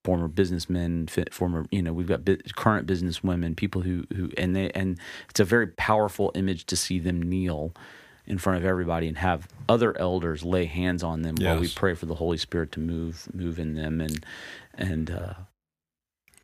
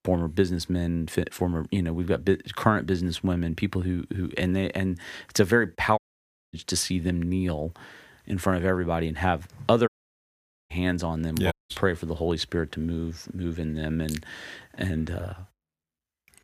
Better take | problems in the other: first | audio cutting out; at 6 s for 0.5 s, at 10 s for 1 s and at 12 s

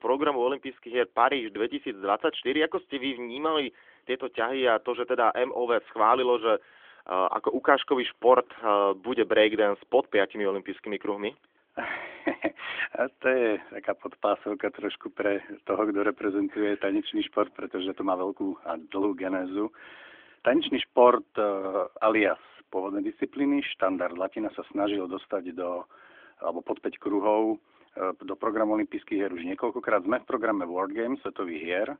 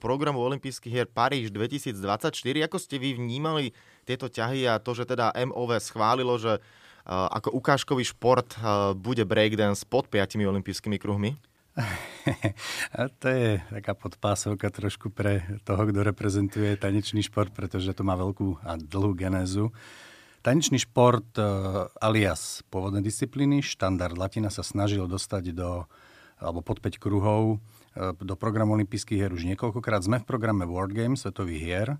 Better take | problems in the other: second | phone-call audio; nothing above 3.5 kHz

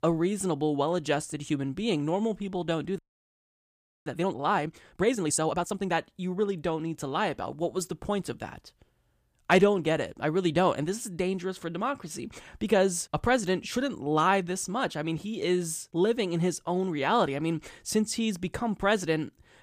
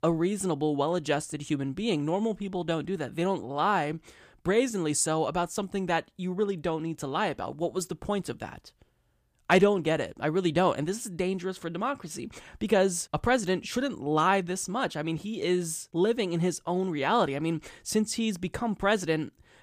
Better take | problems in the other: second | audio freezing; at 3 s for 1 s

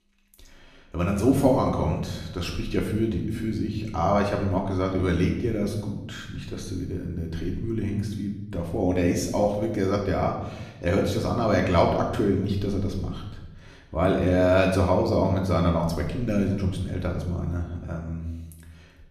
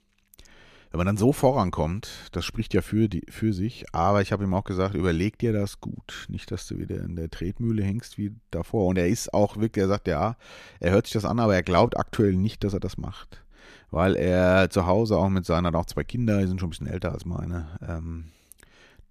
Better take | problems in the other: second | room echo; noticeable; dies away in 0.8 s // off-mic speech; far

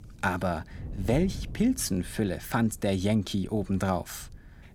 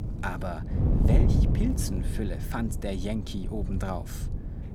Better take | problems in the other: first | wind noise on the microphone; heavy; 3 dB below the speech; occasional gusts in the first

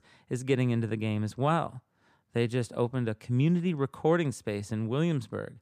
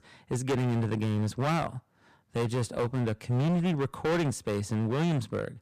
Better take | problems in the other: first | distortion; heavy; 20% of the sound clipped

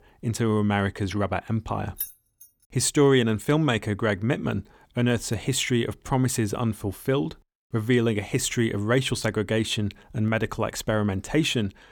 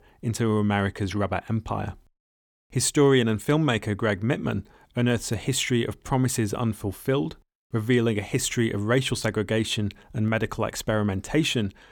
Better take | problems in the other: second | jangling keys; noticeable; at 2 s; peak 8 dB below the speech

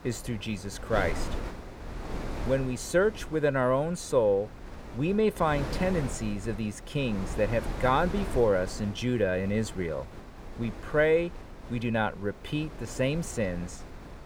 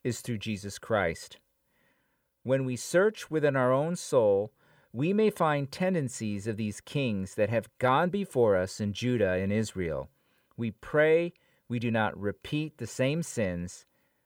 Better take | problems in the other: second | wind noise on the microphone; occasional gusts; 15 dB below the speech

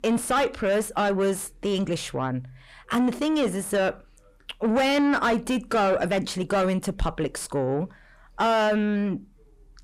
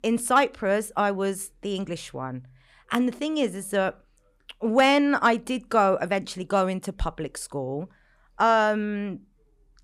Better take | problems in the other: second | distortion; heavy; 6 dB below the speech

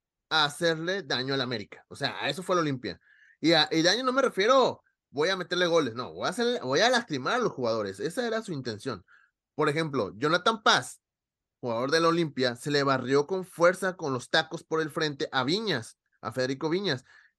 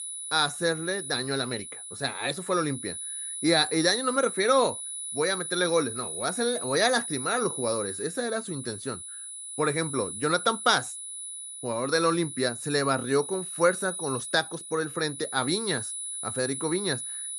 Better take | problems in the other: first | high-pitched whine; loud; throughout; 10 kHz, 7 dB below the speech

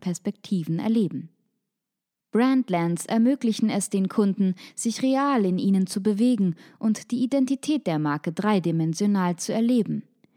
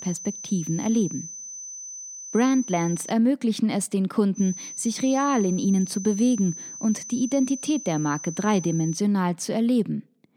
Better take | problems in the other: first | high-pitched whine; noticeable; until 3 s and from 4.5 to 9 s; 6 kHz, 10 dB below the speech

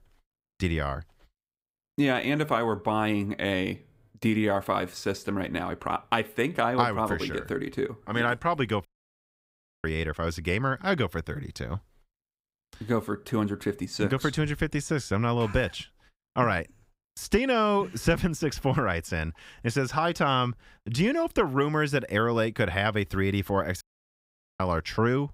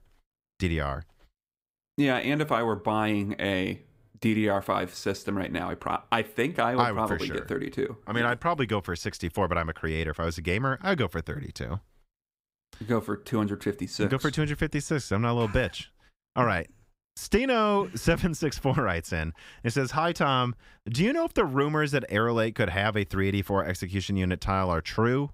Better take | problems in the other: second | audio cutting out; at 9 s for 1 s and at 24 s for 1 s

